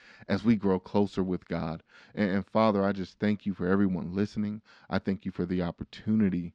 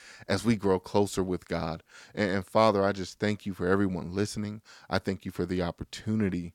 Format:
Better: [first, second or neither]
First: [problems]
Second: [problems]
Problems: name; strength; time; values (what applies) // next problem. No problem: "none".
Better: second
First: muffled; very slightly; fading above 4 kHz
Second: none